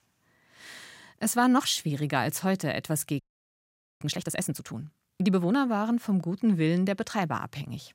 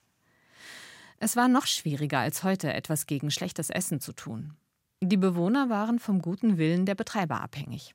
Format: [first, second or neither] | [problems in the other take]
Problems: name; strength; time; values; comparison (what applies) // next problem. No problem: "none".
second | audio freezing; at 3 s for 1 s